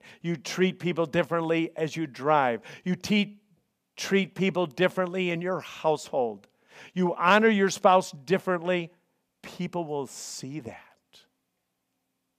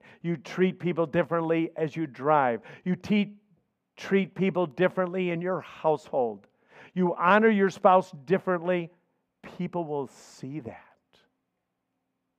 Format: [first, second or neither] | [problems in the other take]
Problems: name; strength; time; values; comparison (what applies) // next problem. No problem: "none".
first | muffled; slightly; fading above 3 kHz